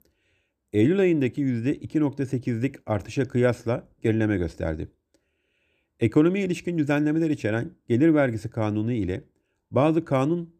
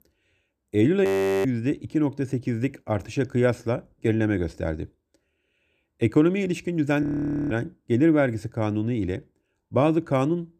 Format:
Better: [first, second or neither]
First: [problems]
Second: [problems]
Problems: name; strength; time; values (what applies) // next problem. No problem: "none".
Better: first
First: none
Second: audio freezing; at 1 s and at 7 s